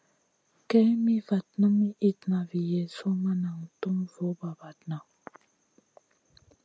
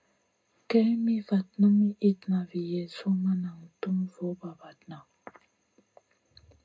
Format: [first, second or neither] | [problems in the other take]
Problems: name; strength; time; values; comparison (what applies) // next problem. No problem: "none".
first | room echo; dies away in 0.2 s